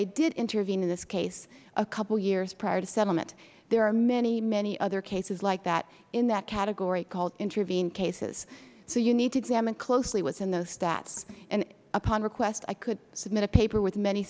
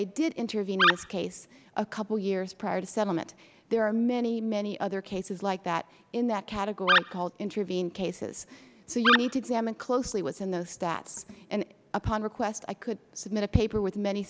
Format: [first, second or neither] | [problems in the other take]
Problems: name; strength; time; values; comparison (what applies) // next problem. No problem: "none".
first | background sound (Animal); 2 dB above the speech